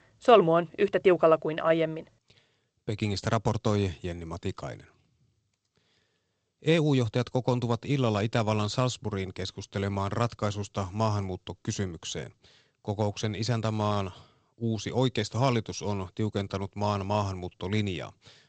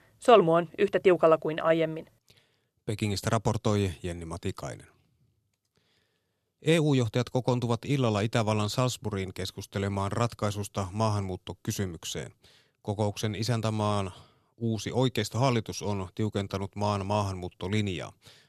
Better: second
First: garbled, watery; slightly; nothing above 8 kHz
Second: none

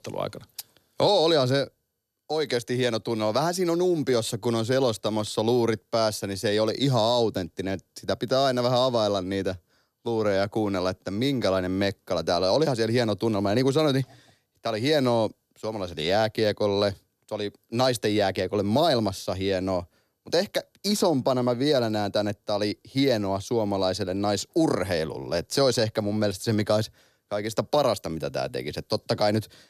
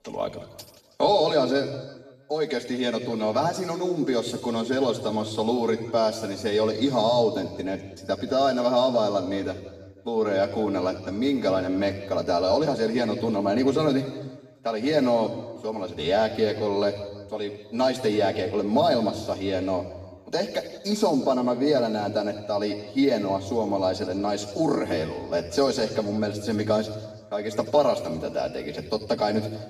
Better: first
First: none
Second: room echo; noticeable; dies away in 1.2 s // off-mic speech; far

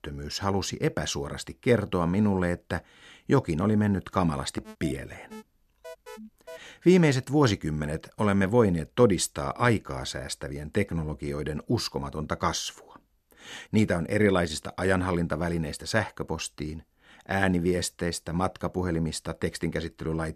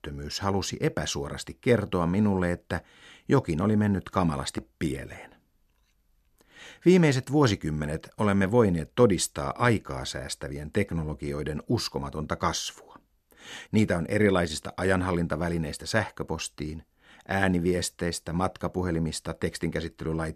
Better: second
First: alarm; faint; from 4.5 to 6.5 s; peak 15 dB below the speech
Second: none

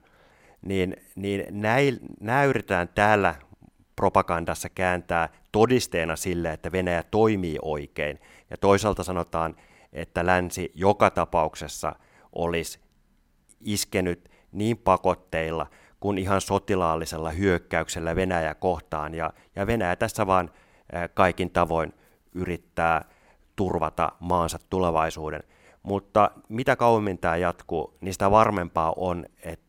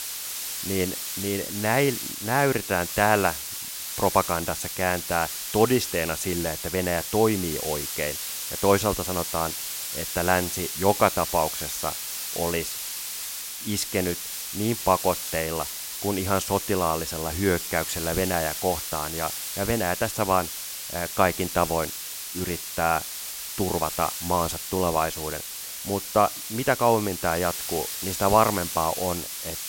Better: first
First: none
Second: hiss; loud; throughout; 4 dB below the speech

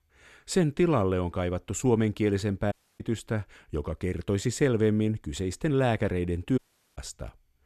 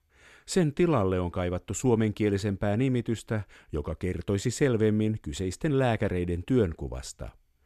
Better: second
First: audio cutting out; at 2.5 s and at 6.5 s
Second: none

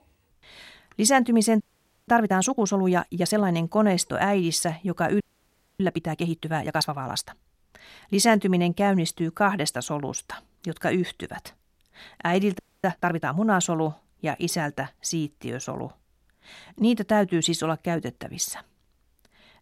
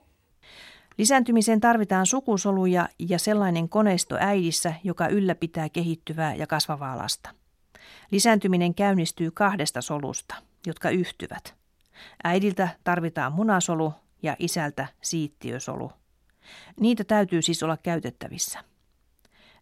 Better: second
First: audio freezing; at 1.5 s, at 5 s for 0.5 s and at 13 s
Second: none

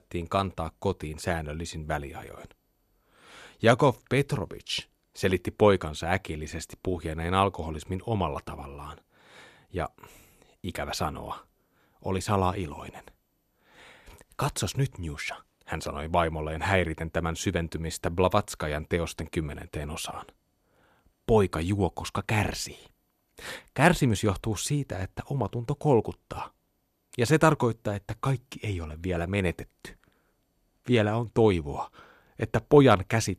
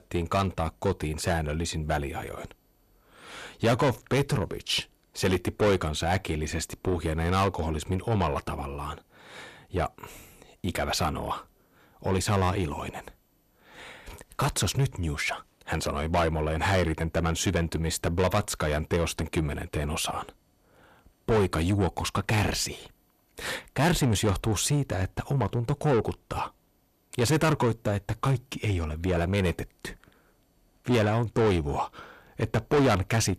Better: first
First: none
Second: distortion; heavy; 6 dB below the speech

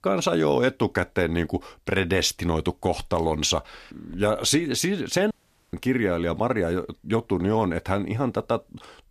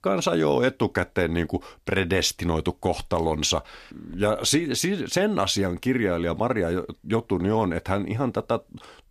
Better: second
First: audio cutting out; at 5.5 s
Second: none

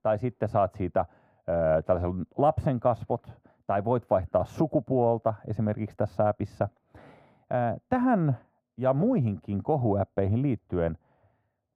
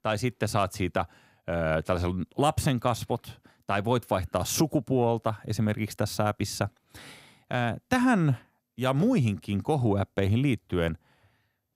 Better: second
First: muffled; very; fading above 2.5 kHz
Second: none

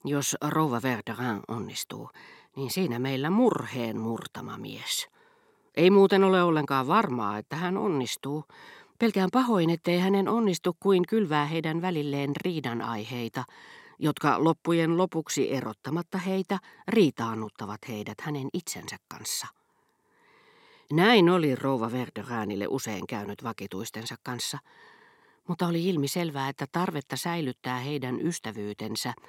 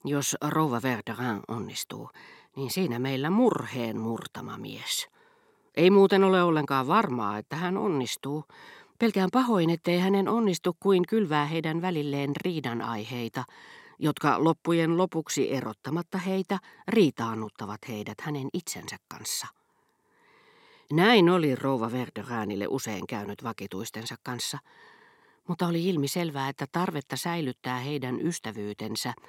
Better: neither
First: none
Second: none

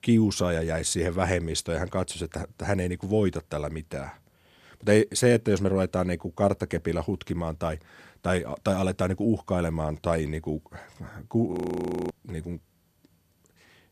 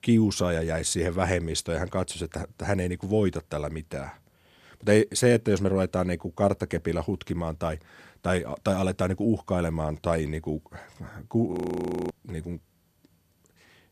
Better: neither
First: audio freezing; at 12 s for 0.5 s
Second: audio freezing; at 12 s for 0.5 s

